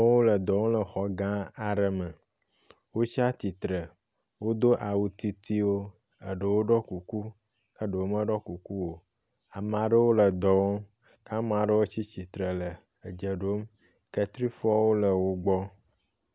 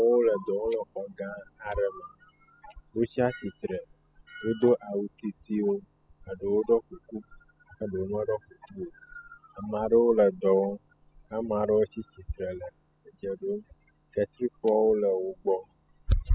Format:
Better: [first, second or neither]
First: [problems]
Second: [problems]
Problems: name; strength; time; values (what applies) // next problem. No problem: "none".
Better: first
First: none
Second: noise reduction (classical method spectral subtraction)